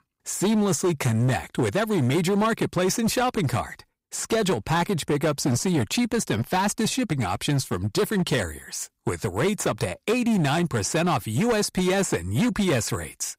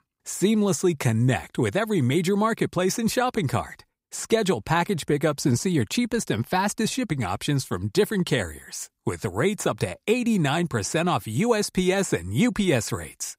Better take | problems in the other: second | distortion; slight; 13% of the sound clipped

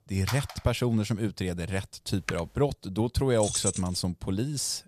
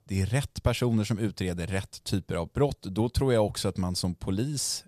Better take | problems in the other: second | phone ringing; noticeable; at 0.5 s; peak 8 dB below the speech // keyboard typing; noticeable; at 2.5 s; peak 9 dB below the speech // jangling keys; loud; at 3.5 s; peak 1 dB above the speech

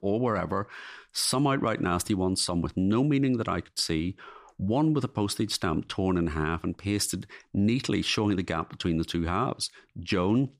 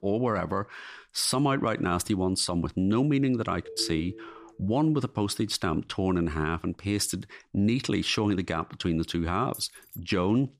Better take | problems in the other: first | phone ringing; faint; from 3.5 to 4.5 s; peak 10 dB below the speech // jangling keys; faint; at 9.5 s; peak 15 dB below the speech

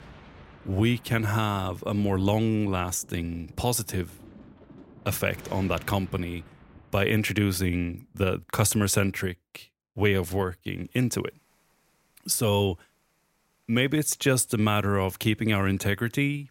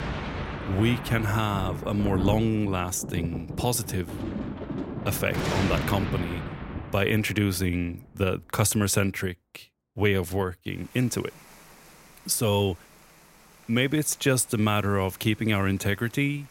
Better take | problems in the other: first | rain or running water; loud; throughout; 7 dB below the speech; faint in the first

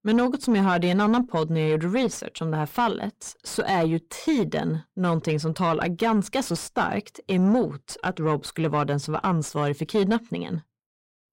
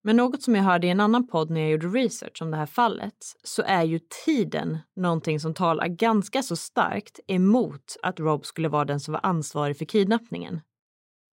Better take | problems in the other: second | distortion; slight; 10 dB below the speech

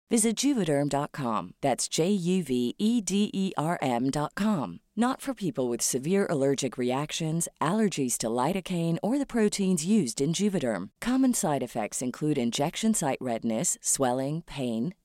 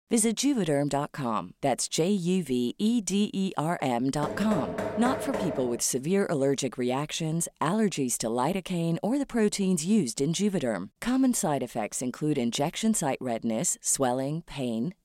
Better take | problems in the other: first | door banging; noticeable; from 4 to 6 s; peak 4 dB below the speech

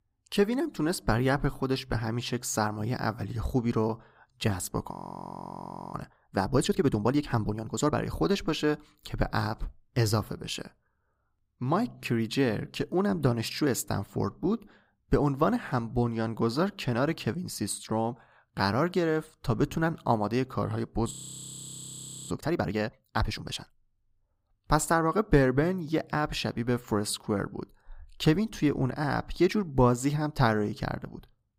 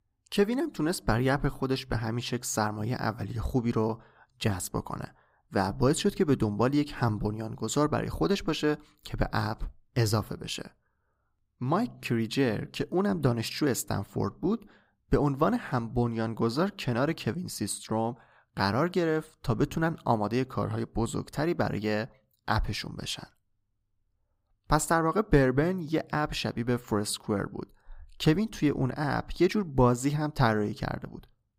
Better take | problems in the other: second | audio freezing; at 5 s for 1 s and at 21 s for 1 s

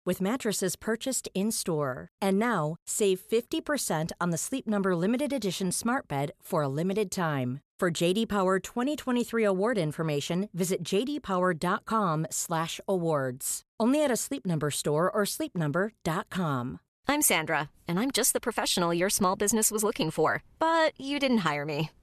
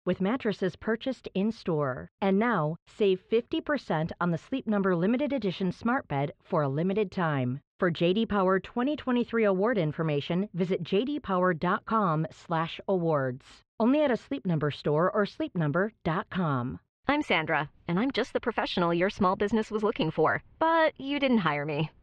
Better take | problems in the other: first | muffled; very; fading above 3.5 kHz

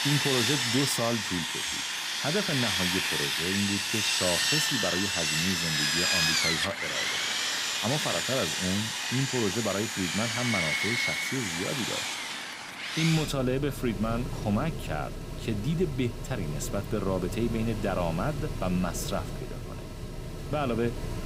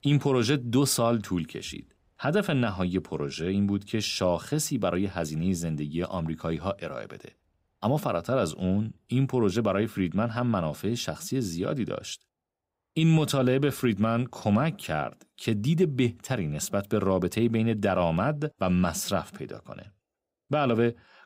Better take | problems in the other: second | machinery noise; very loud; throughout; 3 dB above the speech

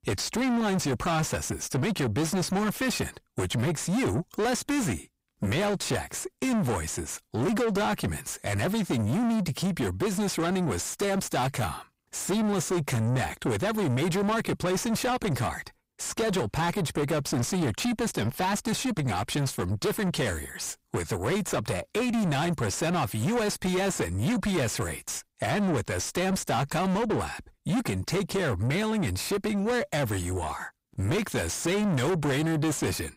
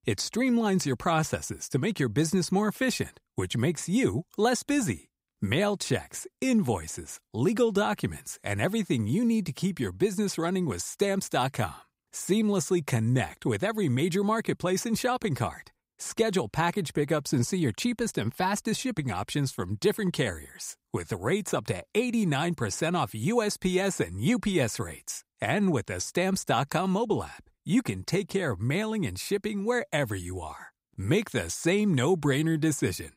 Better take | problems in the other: second | distortion; heavy; 6 dB below the speech

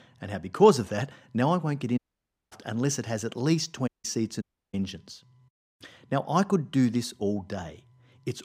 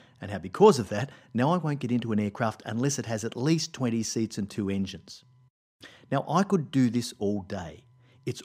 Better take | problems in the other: second | audio cutting out; at 2 s for 0.5 s, at 4 s and at 4.5 s

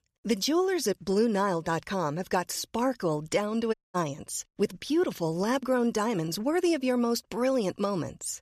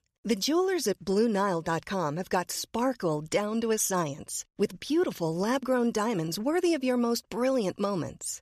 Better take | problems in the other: second | audio cutting out; at 3.5 s

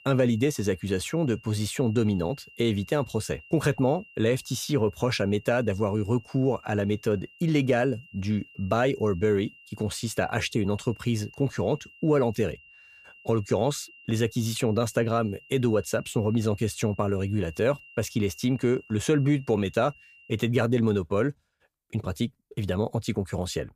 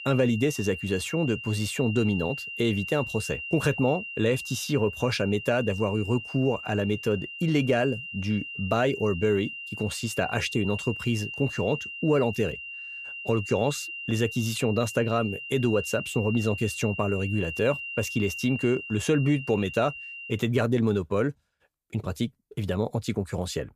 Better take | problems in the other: first | high-pitched whine; loud; until 20 s; 3 kHz, 8 dB below the speech; faint in the first

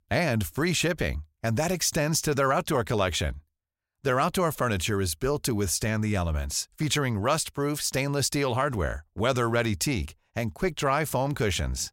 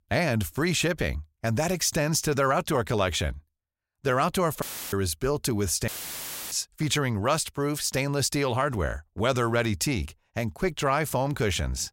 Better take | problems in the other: first | audio cutting out; filled with static; at 4.5 s and at 6 s for 0.5 s

